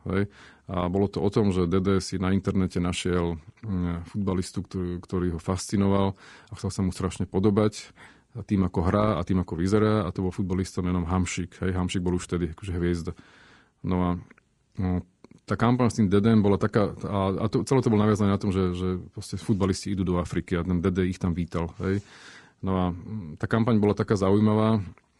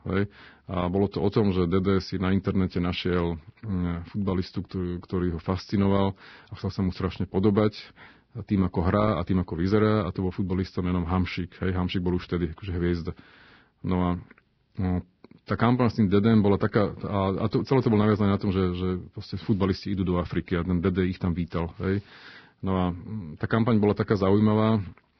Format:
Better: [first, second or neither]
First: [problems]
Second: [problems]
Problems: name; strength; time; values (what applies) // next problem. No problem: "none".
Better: first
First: garbled, watery; slightly; nothing above 10.5 kHz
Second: garbled, watery; badly; nothing above 5.5 kHz